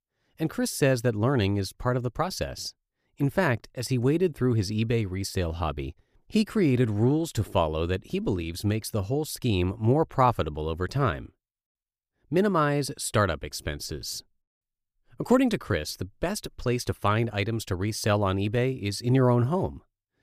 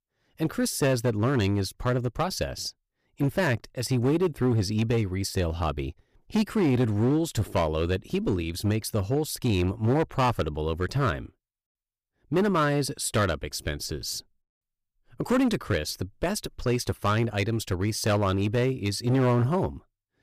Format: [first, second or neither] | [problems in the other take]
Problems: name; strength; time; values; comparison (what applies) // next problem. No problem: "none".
first | distortion; slight; 7% of the sound clipped